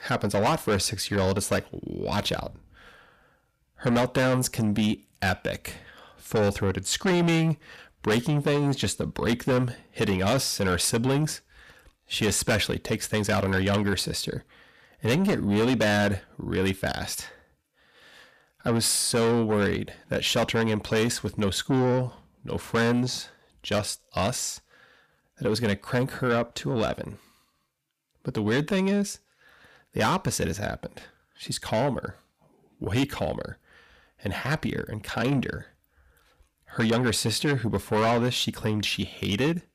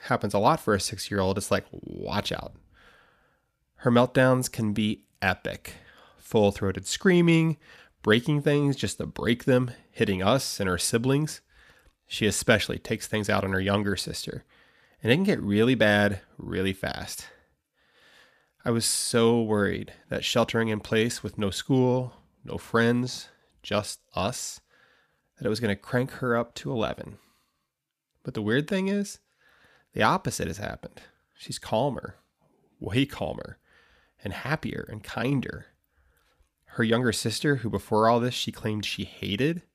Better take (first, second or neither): second